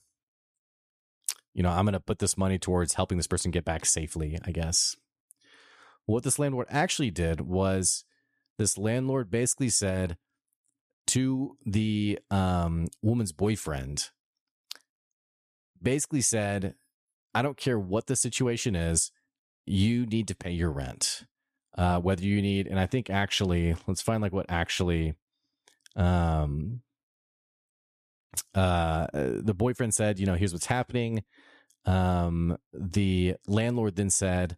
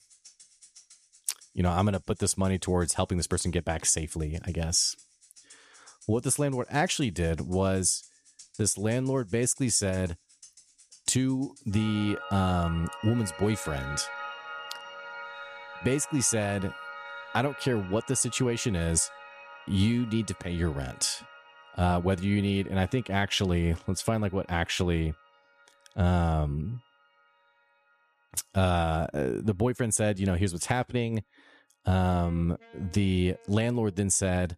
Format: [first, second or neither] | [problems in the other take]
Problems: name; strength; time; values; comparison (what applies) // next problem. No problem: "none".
first | background music; noticeable; throughout; 15 dB below the speech